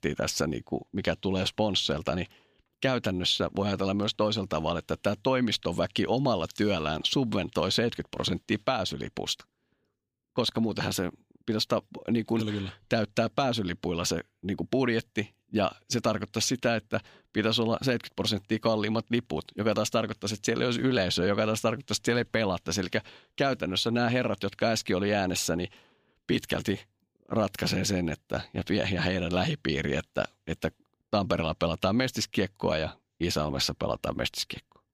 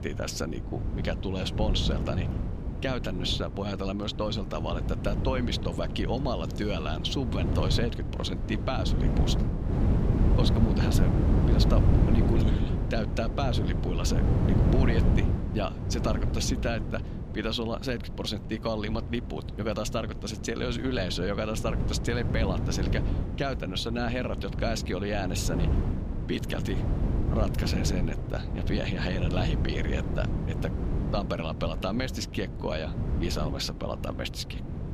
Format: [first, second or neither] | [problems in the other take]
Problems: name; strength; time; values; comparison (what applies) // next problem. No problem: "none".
first | wind noise on the microphone; heavy; 5 dB below the speech